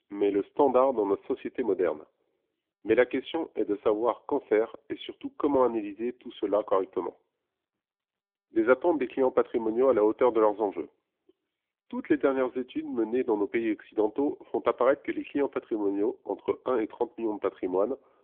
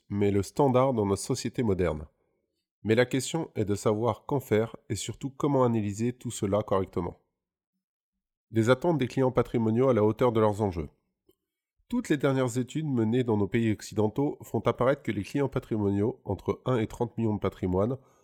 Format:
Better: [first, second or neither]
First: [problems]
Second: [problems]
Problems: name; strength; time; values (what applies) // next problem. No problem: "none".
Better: second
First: phone-call audio; nothing above 3.5 kHz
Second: none